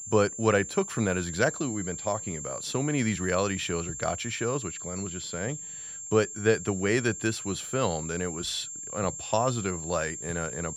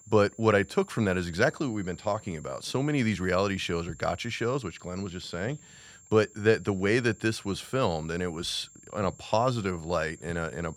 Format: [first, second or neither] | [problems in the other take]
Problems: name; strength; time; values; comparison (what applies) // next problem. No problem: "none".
second | high-pitched whine; loud; throughout; 7.5 kHz, 7 dB below the speech; faint in the second